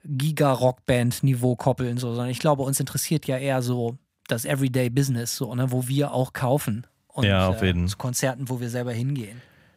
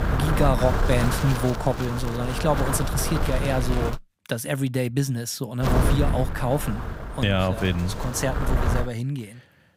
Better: first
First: none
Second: wind noise on the microphone; heavy; until 4 s and from 5.5 to 9 s; 2 dB below the speech

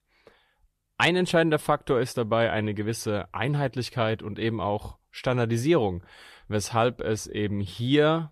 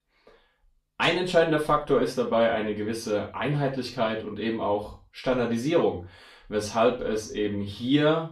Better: first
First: none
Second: room echo; slight; dies away in 0.3 s // off-mic speech; far

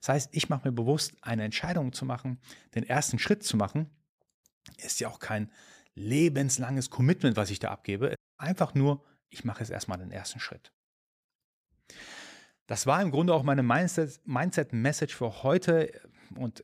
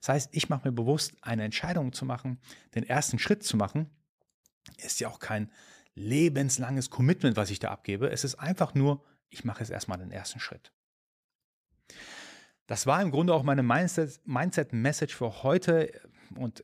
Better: second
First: audio cutting out; at 8 s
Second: none

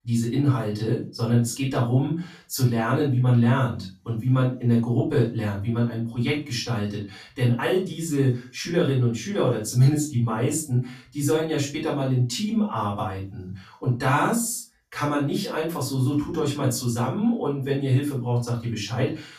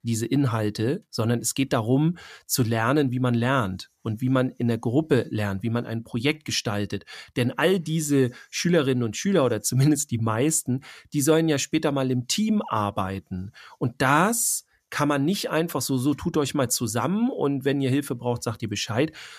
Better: second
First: off-mic speech; far // room echo; slight; dies away in 0.3 s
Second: none

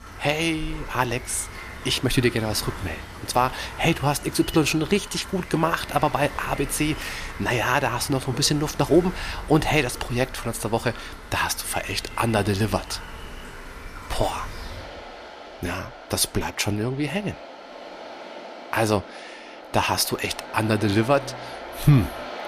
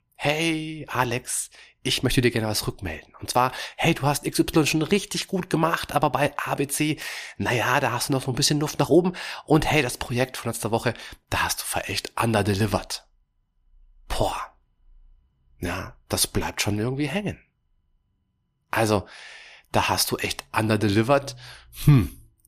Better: second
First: rain or running water; noticeable; throughout; 15 dB below the speech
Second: none

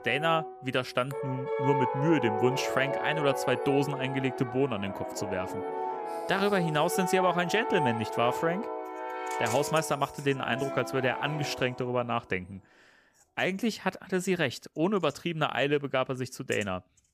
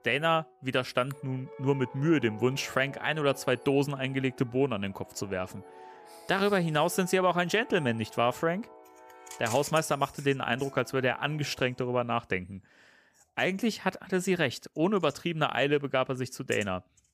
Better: second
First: background music; loud; throughout; 5 dB below the speech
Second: background music; faint; throughout; 20 dB below the speech

